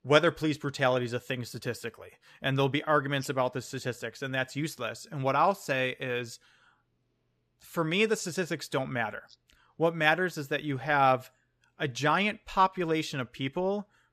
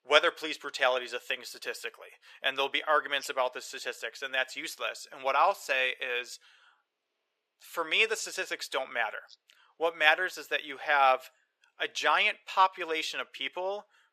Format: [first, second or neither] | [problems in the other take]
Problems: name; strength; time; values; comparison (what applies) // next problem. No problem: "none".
first | thin; very; fading below 500 Hz